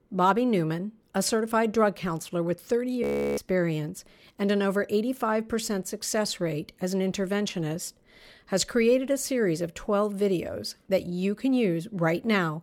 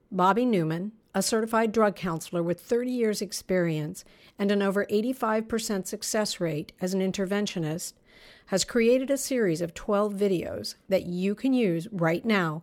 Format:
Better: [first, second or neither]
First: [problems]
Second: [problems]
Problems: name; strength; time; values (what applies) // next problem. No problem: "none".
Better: second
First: audio freezing; at 3 s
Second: none